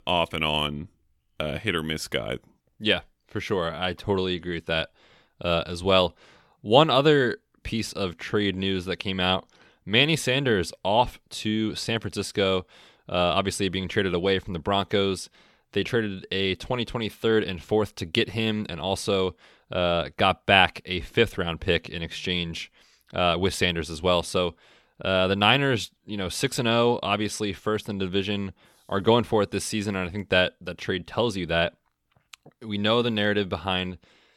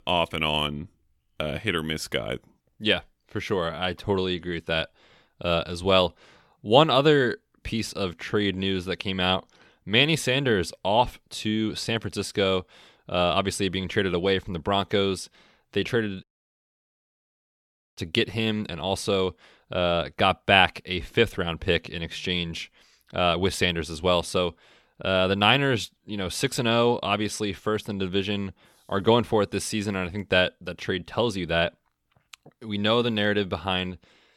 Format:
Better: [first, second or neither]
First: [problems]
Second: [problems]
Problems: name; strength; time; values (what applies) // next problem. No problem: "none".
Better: first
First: none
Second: audio cutting out; at 16 s for 1.5 s